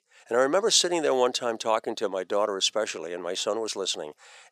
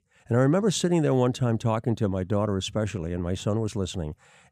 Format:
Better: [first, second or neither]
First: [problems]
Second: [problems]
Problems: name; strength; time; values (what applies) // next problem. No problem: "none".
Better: second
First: thin; very; fading below 450 Hz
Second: none